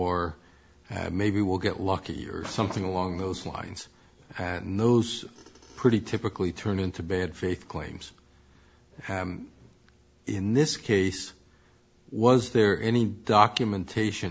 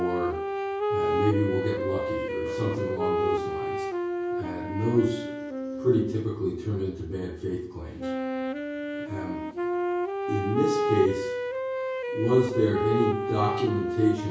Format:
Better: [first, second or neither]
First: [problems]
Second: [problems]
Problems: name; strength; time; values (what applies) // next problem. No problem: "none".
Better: first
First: none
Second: background sound (Wind instrument, woodwind instrument); 1 dB below the speech // room echo; dies away in 0.6 s